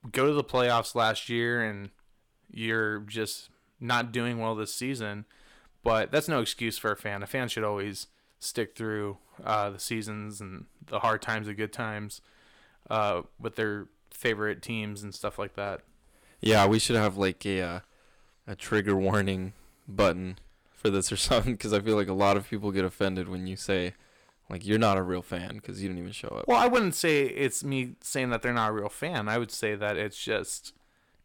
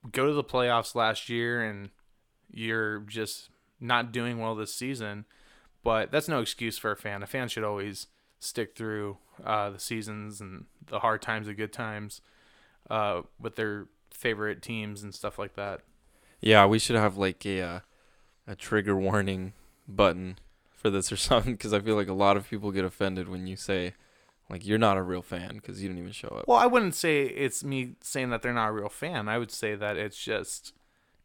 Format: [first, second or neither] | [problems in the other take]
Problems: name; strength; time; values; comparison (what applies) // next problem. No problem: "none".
second | distortion; slight; 1.4% of the sound clipped